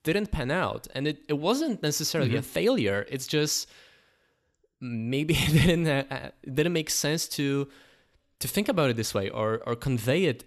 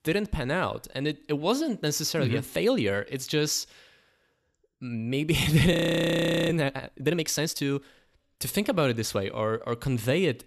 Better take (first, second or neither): first